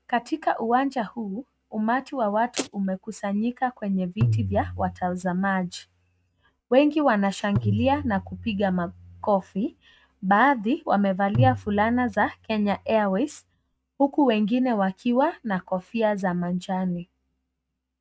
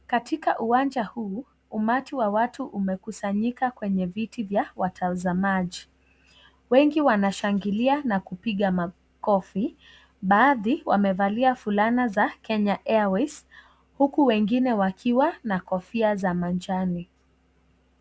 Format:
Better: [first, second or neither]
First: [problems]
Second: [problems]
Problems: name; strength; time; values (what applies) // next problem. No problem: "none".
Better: second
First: noise reduction (neural mask model RNNoise)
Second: none